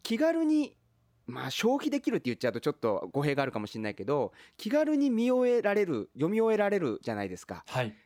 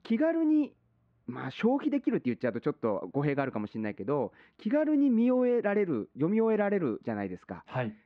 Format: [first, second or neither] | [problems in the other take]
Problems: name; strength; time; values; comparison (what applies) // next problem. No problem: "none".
first | muffled; very; fading above 2 kHz